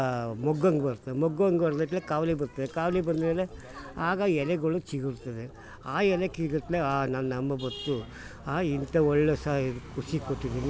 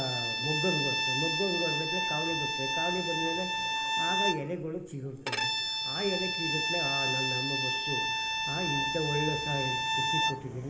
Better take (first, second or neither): first